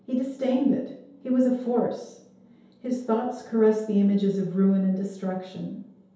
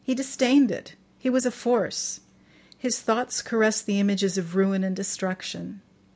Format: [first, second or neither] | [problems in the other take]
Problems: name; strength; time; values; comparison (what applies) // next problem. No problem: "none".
second | room echo; dies away in 0.8 s